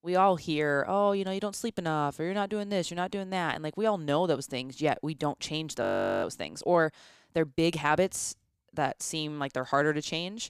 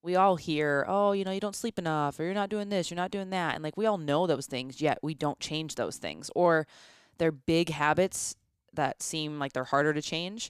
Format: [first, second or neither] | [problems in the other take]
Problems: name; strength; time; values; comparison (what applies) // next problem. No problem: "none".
second | audio freezing; at 6 s